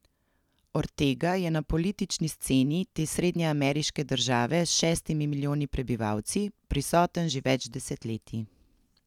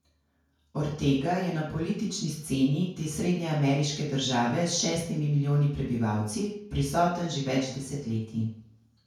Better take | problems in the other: first | room echo; dies away in 0.5 s

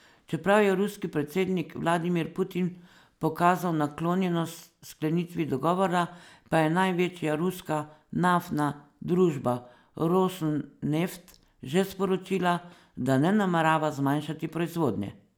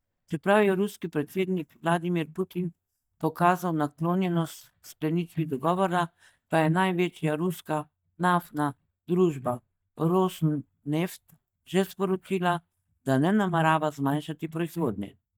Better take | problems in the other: first | noise reduction (neural mask model DeepFilterNet 3)

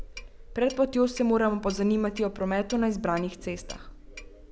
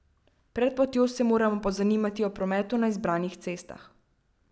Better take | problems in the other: second | background sound (Clock); 15 dB below the speech

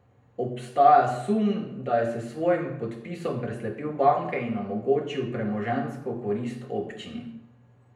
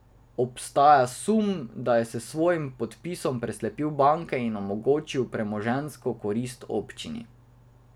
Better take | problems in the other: second | room echo; dies away in 0.7 s

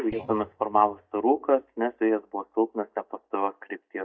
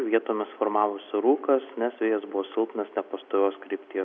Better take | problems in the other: second | noise reduction (neural mask model DeepFilterNet 3)

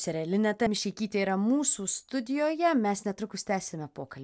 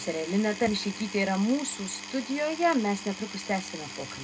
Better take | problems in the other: first | background sound (Power tool); 12 dB below the speech // room echo; dies away in 0.2 s

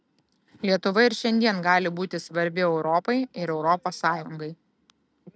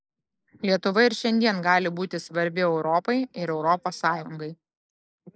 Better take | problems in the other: first | noise reduction (neural mask model Resemble Enhance denoiser)

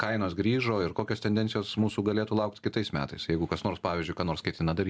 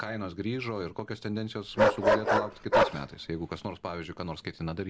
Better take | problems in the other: first | background sound (Bark); 4 dB above the speech

